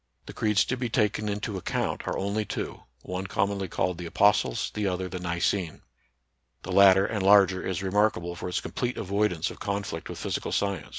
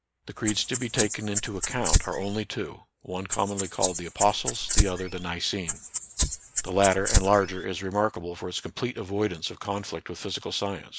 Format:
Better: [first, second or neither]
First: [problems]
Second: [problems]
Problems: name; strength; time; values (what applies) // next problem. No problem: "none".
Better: first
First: none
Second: noise reduction (neural mask model Resemble Enhance denoiser)